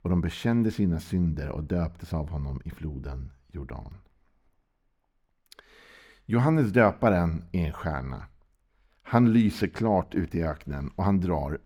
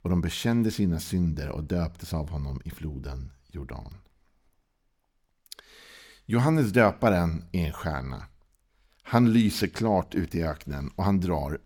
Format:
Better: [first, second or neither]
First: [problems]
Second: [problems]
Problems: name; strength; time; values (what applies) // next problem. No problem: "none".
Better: second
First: muffled; slightly; fading above 3 kHz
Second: none